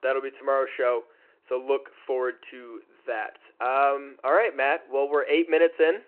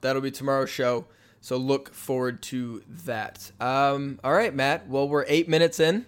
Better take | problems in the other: second | phone-call audio

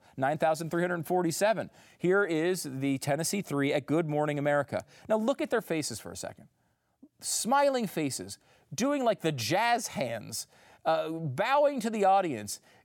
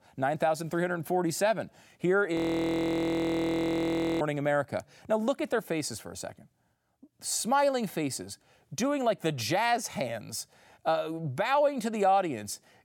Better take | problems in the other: first | audio freezing; at 2.5 s for 2 s

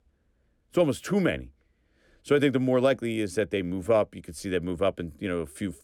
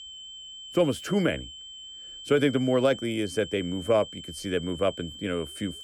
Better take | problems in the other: first | high-pitched whine; noticeable; throughout; 3 kHz, 15 dB below the speech

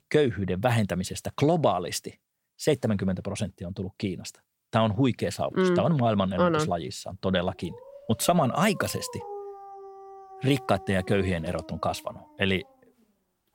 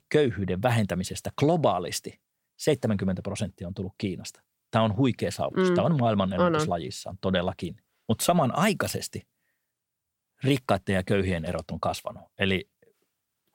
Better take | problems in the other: second | dog barking; faint; from 7.5 to 13 s; peak 10 dB below the speech

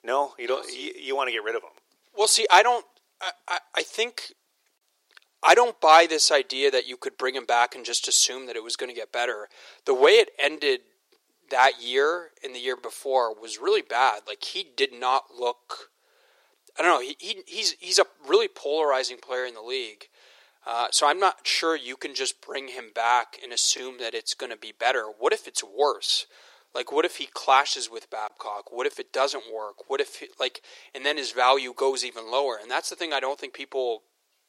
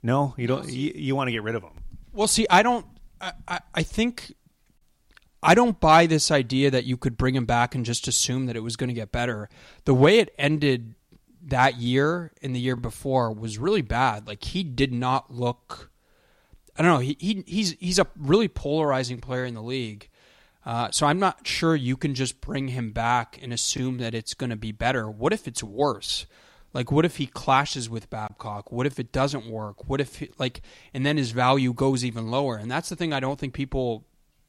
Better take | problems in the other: second | thin; very; fading below 400 Hz

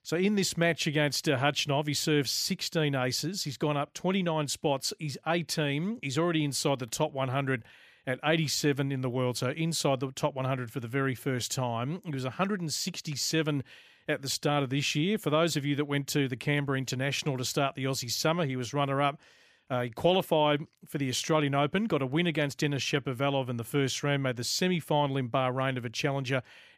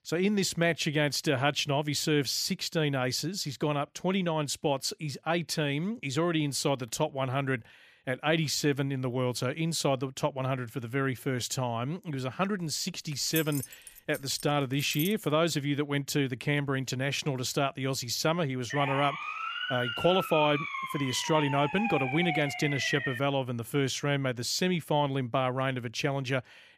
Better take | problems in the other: first | jangling keys; noticeable; from 13 to 15 s; peak 6 dB below the speech // siren; noticeable; from 19 to 23 s; peak 2 dB below the speech

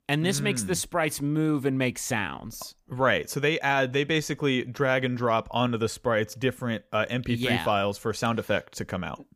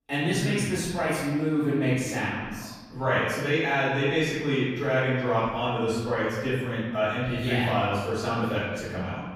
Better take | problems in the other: first | room echo; strong; dies away in 1.2 s // off-mic speech; far

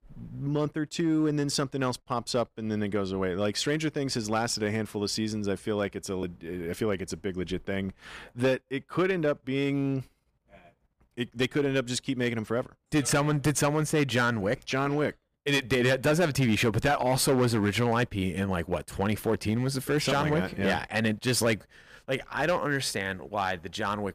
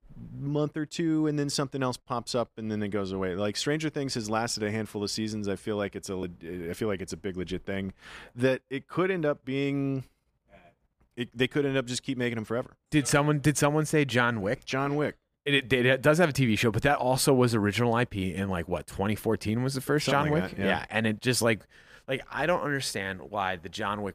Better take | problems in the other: second | distortion; slight; 5% of the sound clipped

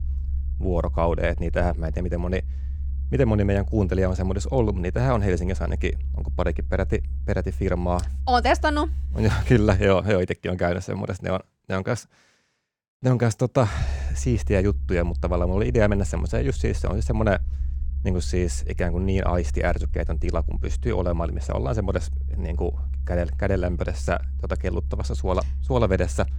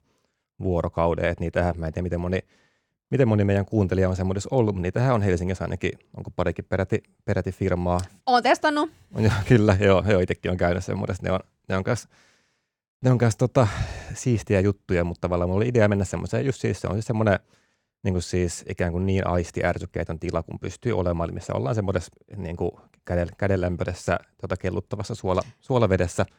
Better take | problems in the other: second | low rumble; faint; until 10 s and from 14 s on; 25 dB below the speech

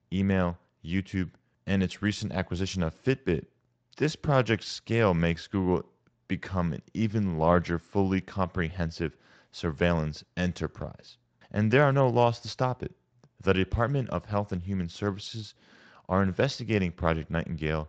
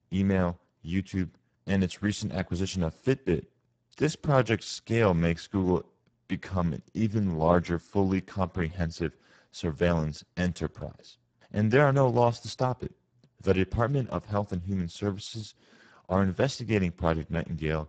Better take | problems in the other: first | garbled, watery; badly; nothing above 7.5 kHz; slightly in the first

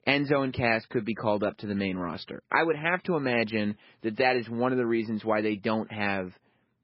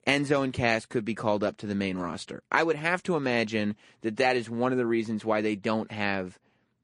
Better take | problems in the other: second | garbled, watery; badly; nothing above 4.5 kHz; slightly in the second

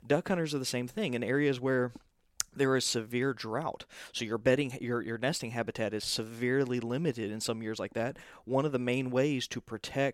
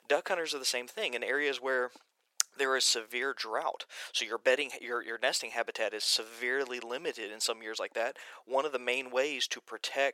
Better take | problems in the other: first | thin; very; fading below 500 Hz

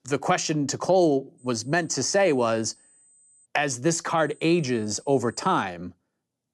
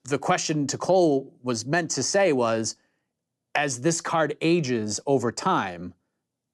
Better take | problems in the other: second | high-pitched whine; faint; from 1.5 to 3.5 s and from 4 to 5.5 s; 8 kHz, 30 dB below the speech

